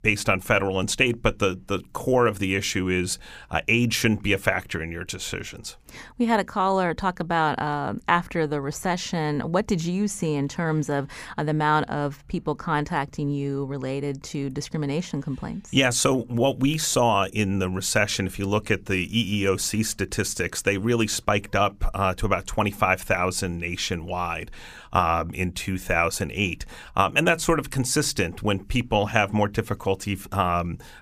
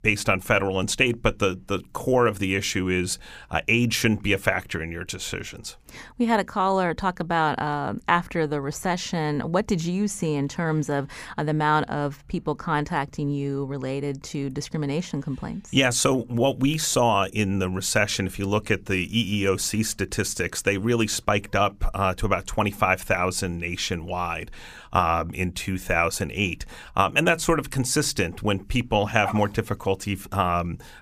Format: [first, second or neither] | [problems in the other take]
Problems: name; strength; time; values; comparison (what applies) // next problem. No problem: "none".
first | dog barking; noticeable; at 29 s; peak 10 dB below the speech